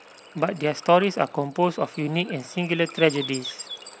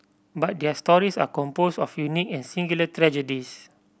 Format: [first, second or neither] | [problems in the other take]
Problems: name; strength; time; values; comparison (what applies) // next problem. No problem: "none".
second | background sound (Water / Bird); 16 dB below the speech